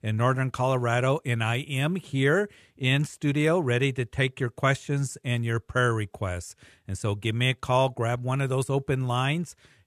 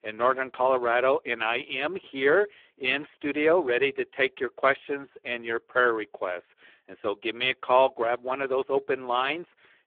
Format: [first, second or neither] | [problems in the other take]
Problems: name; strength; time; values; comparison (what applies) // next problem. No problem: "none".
first | phone-call audio; poor line; nothing above 3.5 kHz